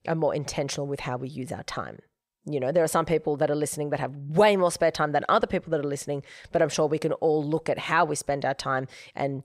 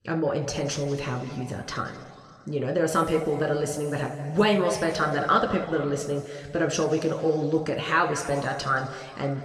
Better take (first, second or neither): first